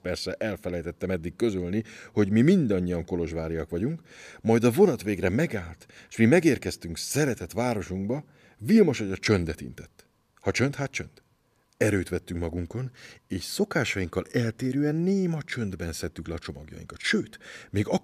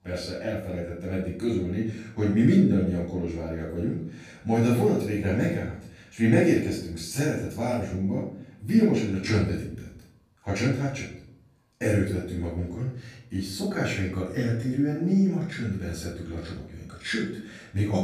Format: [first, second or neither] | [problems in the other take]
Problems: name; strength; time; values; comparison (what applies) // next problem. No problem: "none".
first | off-mic speech; far // room echo; noticeable; dies away in 0.5 s